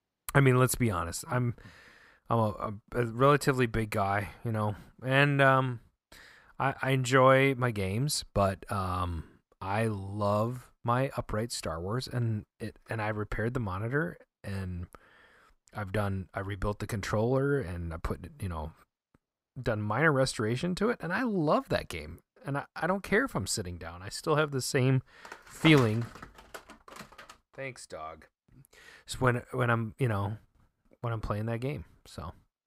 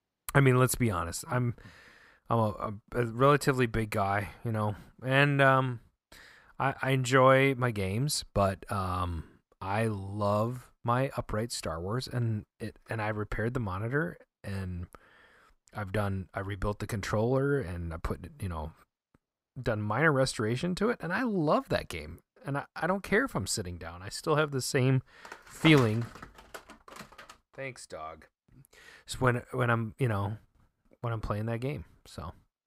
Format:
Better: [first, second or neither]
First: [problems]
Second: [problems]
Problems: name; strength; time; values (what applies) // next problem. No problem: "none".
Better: neither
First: none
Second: none